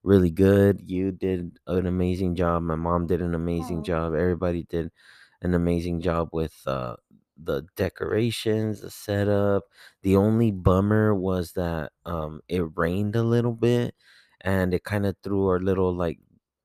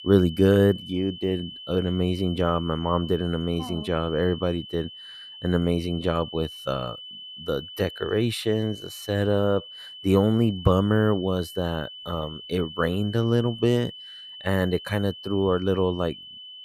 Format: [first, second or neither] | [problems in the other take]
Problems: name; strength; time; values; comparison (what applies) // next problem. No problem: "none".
first | high-pitched whine; noticeable; throughout; 3 kHz, 15 dB below the speech